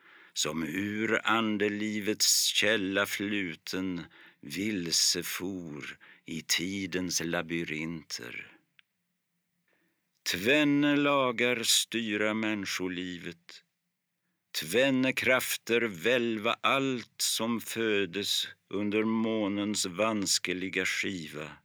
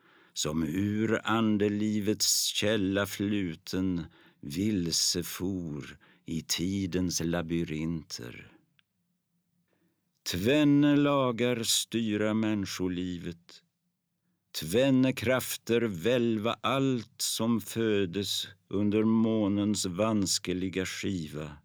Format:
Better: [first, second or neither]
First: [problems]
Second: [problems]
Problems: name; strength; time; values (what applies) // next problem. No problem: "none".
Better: second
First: thin; very slightly; fading below 700 Hz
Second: none